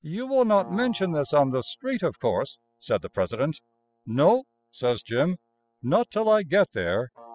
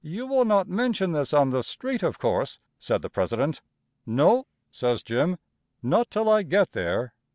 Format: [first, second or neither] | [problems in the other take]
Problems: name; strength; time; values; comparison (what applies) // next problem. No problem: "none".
second | noise reduction (classical method spectral subtraction)